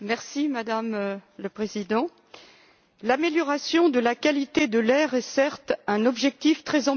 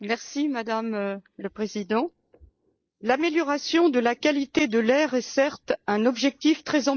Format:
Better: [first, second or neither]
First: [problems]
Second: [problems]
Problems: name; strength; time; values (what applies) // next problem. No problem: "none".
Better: first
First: none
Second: noise reduction (neural mask model Resemble Enhance denoiser)